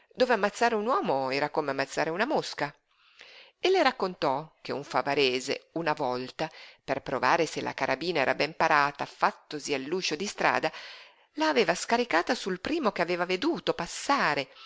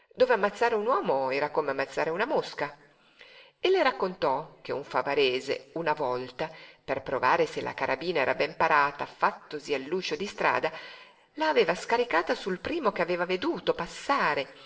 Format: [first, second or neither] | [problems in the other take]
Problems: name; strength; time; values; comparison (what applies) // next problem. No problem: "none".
first | room echo; dies away in 1.3 s